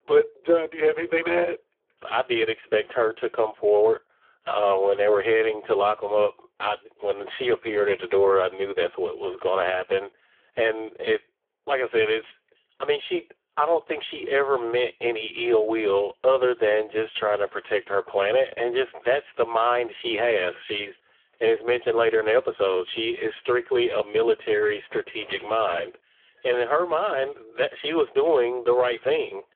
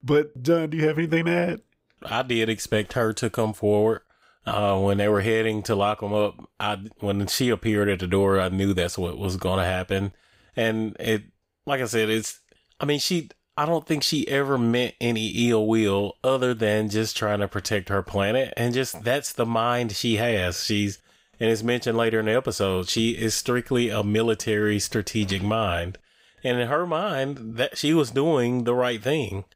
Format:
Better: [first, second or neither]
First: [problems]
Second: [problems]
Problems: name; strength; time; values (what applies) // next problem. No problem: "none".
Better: second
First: phone-call audio; poor line; nothing above 3.5 kHz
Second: none